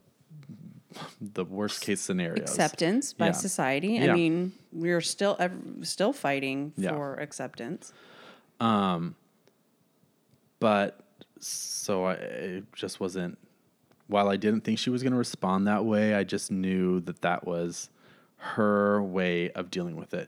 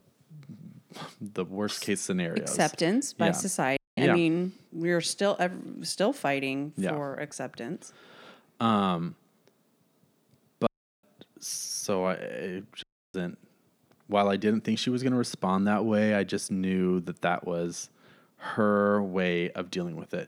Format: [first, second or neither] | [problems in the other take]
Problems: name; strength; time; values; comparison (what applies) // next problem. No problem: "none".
first | audio cutting out; at 4 s, at 11 s and at 13 s